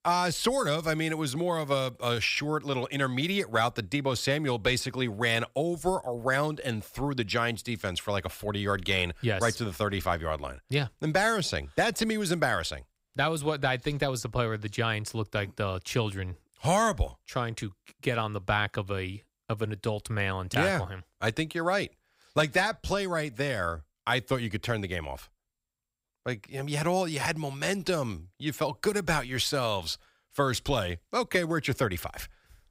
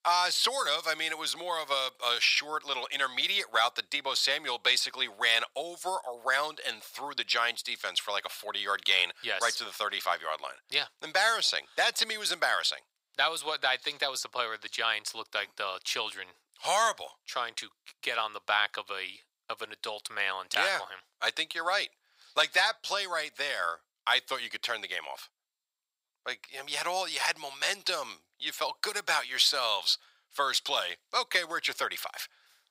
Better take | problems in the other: first | thin; very; fading below 900 Hz

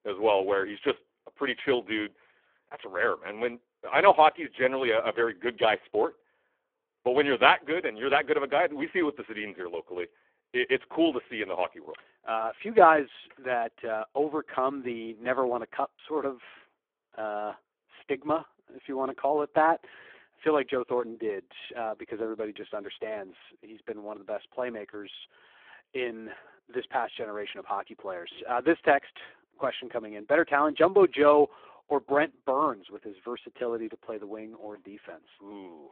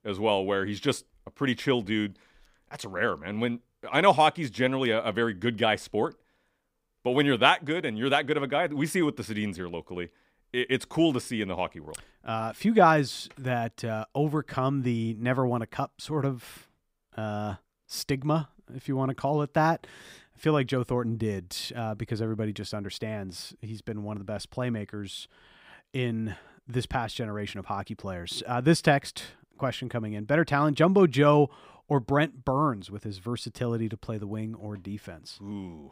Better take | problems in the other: second | phone-call audio; poor line

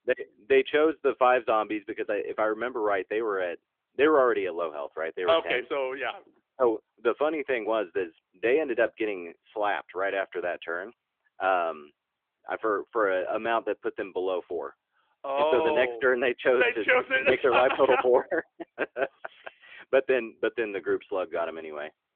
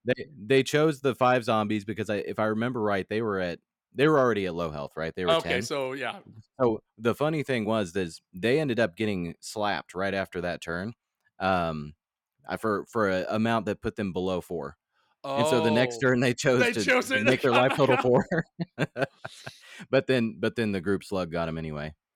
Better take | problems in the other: second | phone-call audio; nothing above 3.5 kHz

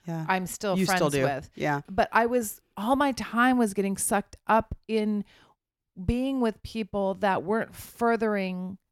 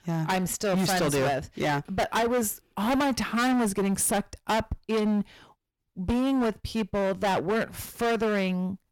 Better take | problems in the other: first | distortion; heavy; 21% of the sound clipped

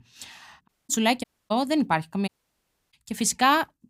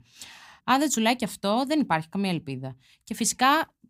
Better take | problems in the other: second | audio cutting out; at 0.5 s, at 1 s and at 2.5 s for 0.5 s

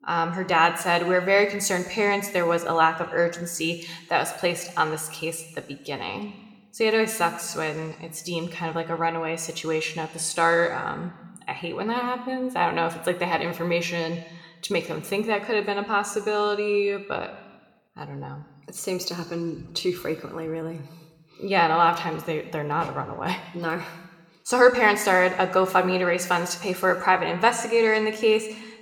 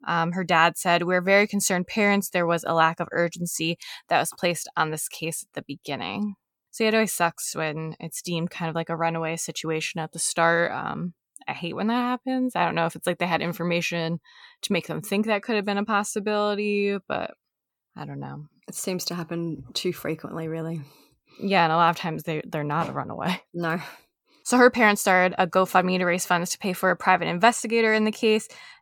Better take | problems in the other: second | room echo; very slight; dies away in 1.1 s

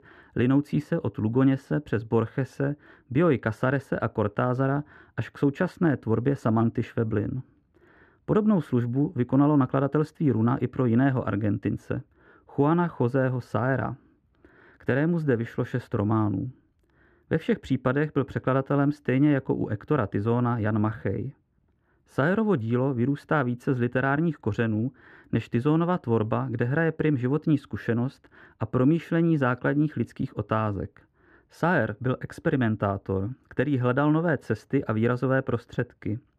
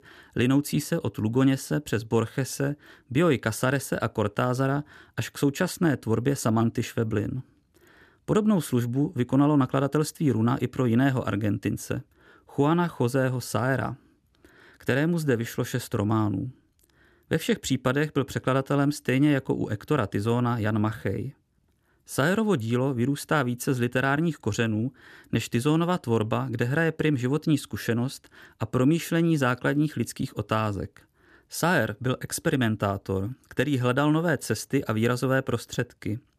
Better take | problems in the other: second | muffled; very; fading above 3.5 kHz

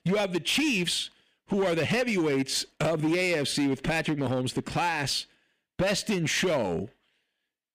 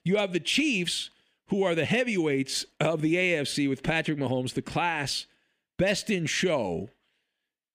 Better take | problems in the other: second | distortion; slight; 11% of the sound clipped

